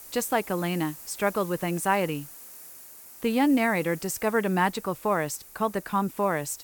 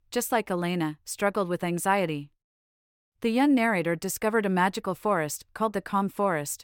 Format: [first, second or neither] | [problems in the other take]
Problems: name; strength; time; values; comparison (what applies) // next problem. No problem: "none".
second | hiss; noticeable; throughout; 15 dB below the speech